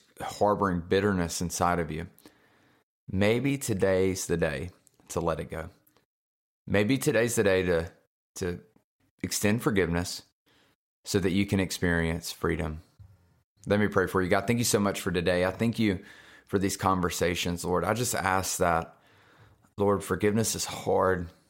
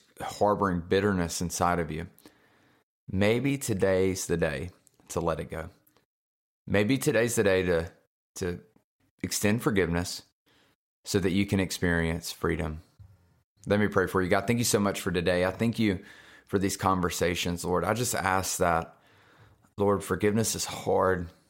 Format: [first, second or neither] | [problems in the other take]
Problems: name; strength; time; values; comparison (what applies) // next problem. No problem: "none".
neither | none